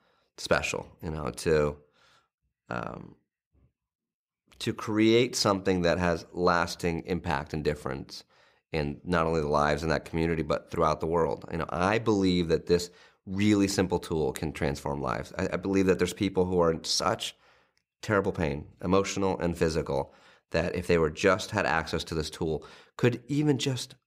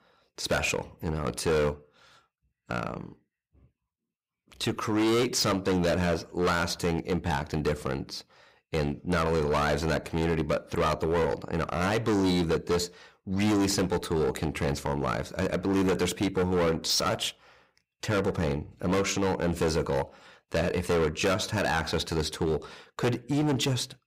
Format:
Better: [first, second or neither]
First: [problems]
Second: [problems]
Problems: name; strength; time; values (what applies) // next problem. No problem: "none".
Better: first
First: none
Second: distortion; heavy; 14% of the sound clipped